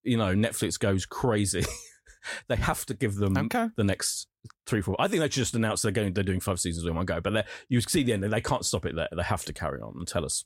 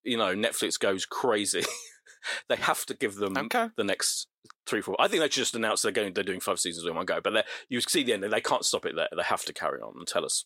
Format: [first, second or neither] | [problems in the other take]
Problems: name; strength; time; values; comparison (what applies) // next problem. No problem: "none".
first | thin; somewhat; fading below 400 Hz